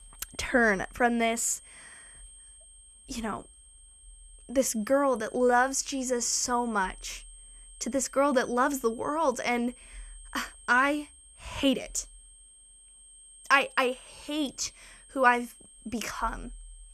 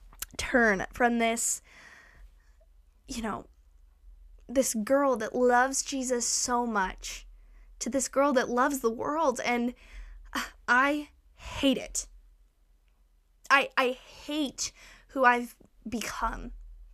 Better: second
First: high-pitched whine; faint; throughout; 8.5 kHz, 25 dB below the speech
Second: none

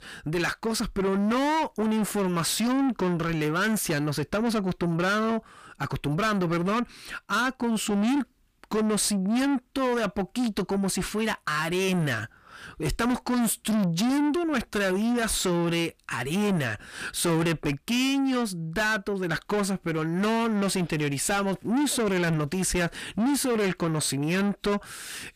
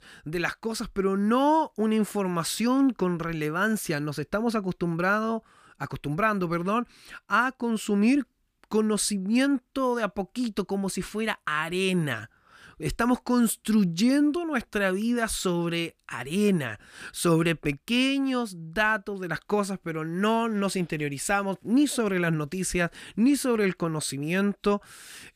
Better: second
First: distortion; heavy; 7 dB below the speech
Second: none

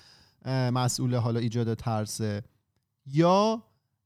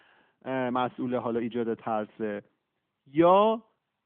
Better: first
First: none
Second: phone-call audio; nothing above 3.5 kHz

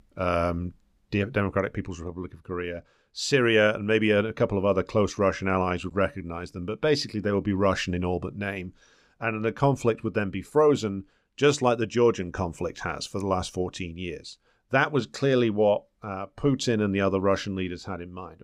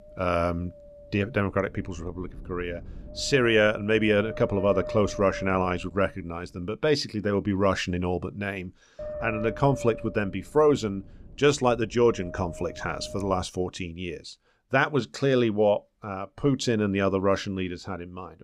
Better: first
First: none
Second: wind noise on the microphone; occasional gusts; until 7 s and from 9 to 13 s; 15 dB below the speech

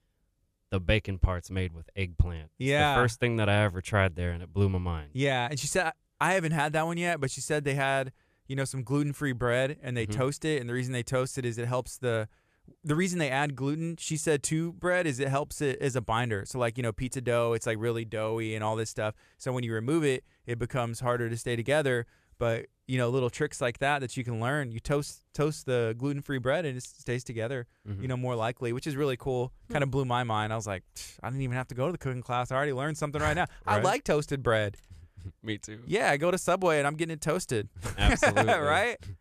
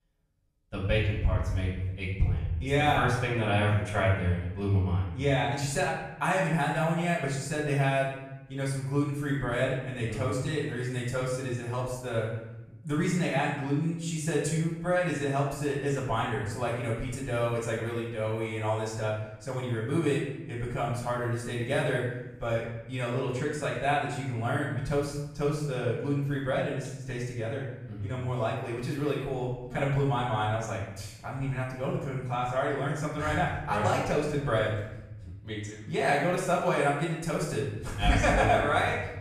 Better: first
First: none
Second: off-mic speech; far // room echo; noticeable; dies away in 0.9 s

